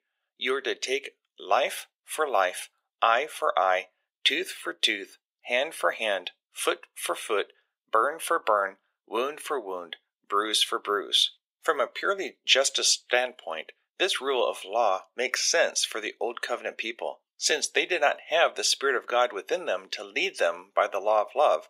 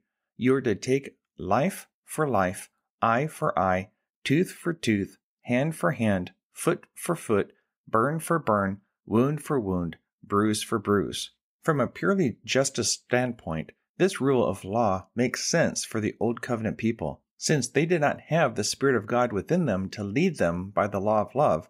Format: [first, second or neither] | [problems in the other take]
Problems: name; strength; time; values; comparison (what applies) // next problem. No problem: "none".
second | thin; very; fading below 450 Hz